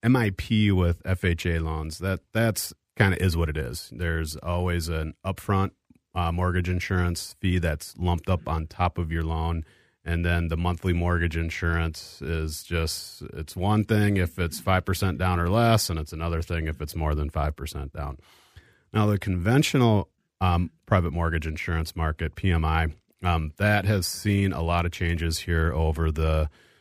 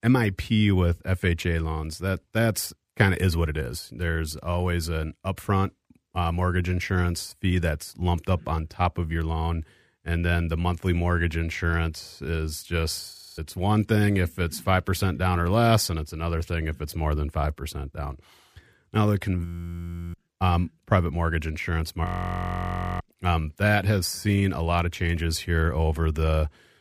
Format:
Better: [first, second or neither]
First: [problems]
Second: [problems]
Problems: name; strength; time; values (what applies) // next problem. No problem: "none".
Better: first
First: none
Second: audio freezing; at 13 s, at 19 s for 0.5 s and at 22 s for 1 s